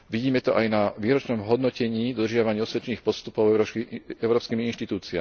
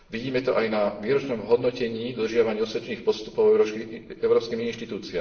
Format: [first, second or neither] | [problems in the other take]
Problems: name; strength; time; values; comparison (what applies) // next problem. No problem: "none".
first | room echo; dies away in 0.9 s